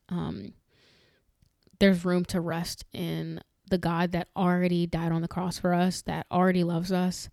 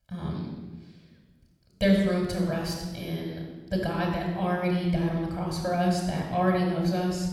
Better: first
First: none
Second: off-mic speech; somewhat distant // room echo; noticeable; dies away in 1.1 s

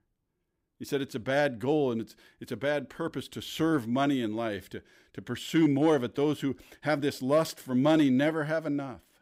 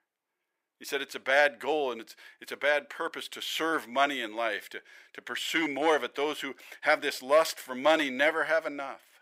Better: first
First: none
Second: thin; very; fading below 700 Hz

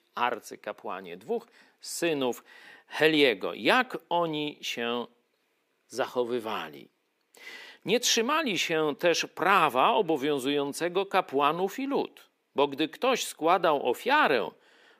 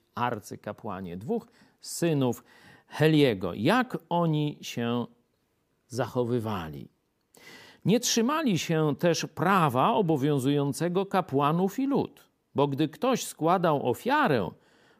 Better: second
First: thin; somewhat; fading below 400 Hz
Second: none

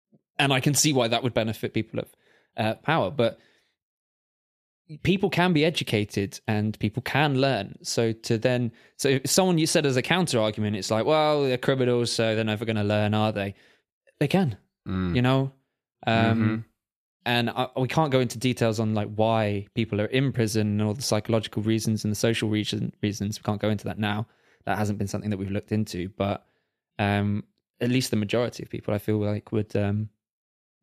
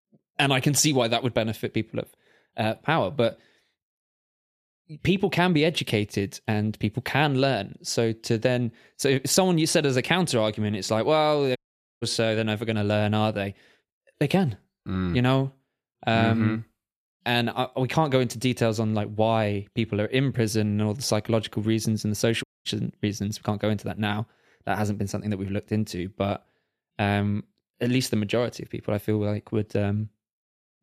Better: first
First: none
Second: audio cutting out; at 12 s and at 22 s

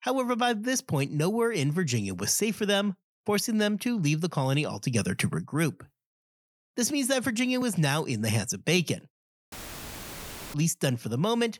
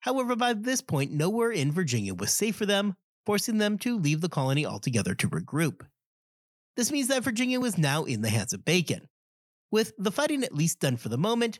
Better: second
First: audio cutting out; filled with static; at 9.5 s for 1 s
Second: none

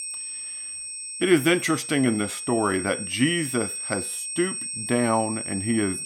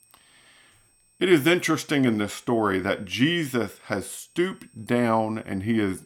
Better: second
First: high-pitched whine; loud; throughout; 8.5 kHz, 6 dB below the speech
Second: high-pitched whine; faint; throughout; 8.5 kHz, 35 dB below the speech

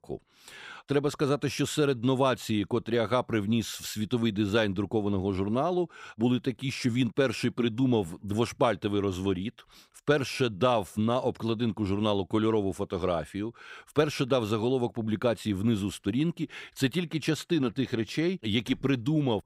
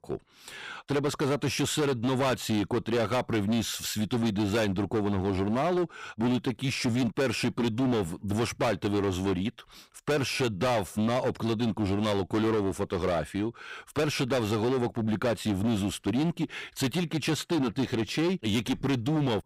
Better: first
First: none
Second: distortion; heavy; 19% of the sound clipped

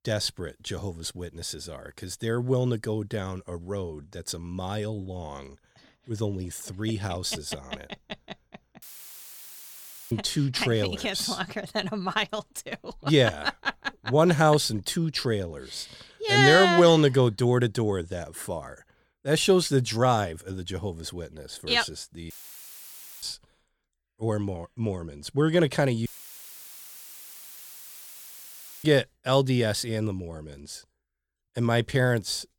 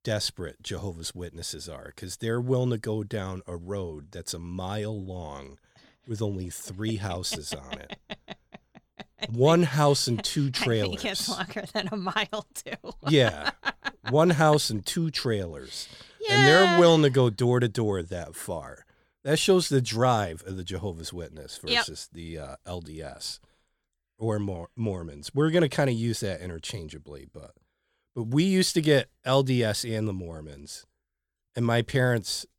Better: second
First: audio cutting out; filled with static; at 9 s for 1.5 s, at 22 s for 1 s and at 26 s for 3 s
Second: none

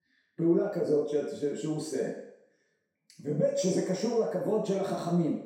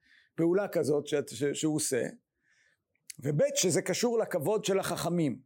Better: second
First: room echo; noticeable; dies away in 0.7 s // off-mic speech; far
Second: none

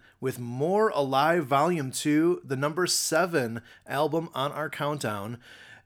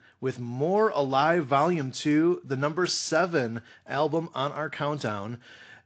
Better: first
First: none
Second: garbled, watery; slightly; nothing above 7.5 kHz

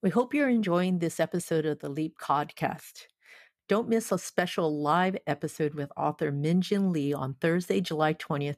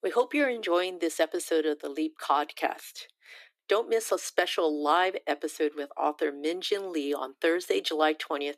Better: first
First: none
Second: thin; somewhat; fading below 300 Hz

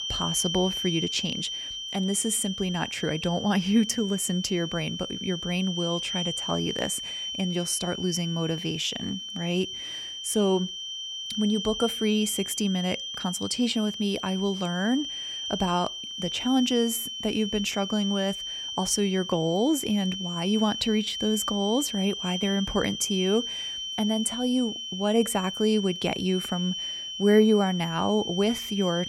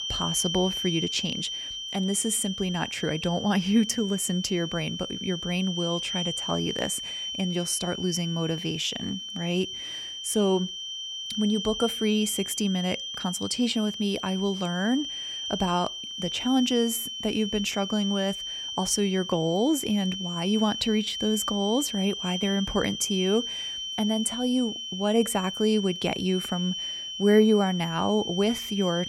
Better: neither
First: high-pitched whine; loud; throughout; 3 kHz, 5 dB below the speech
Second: high-pitched whine; loud; throughout; 3 kHz, 5 dB below the speech

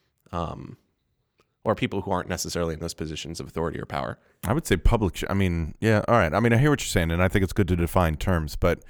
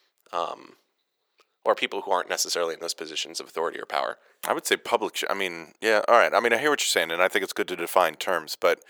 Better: first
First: none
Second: thin; very; fading below 450 Hz

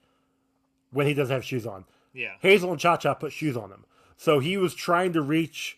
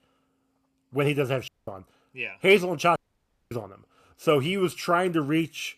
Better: first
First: none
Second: audio cutting out; at 1.5 s and at 3 s for 0.5 s

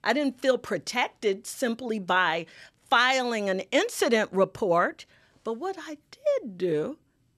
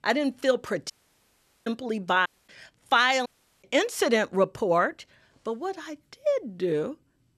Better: first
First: none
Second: audio cutting out; at 1 s for 1 s, at 2.5 s and at 3.5 s

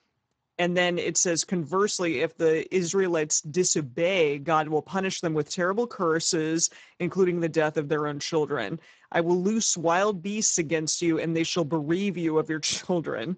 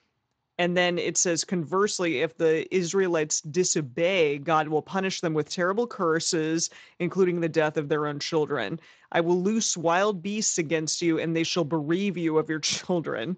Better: second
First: garbled, watery; badly; nothing above 7.5 kHz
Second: garbled, watery; slightly; nothing above 7.5 kHz

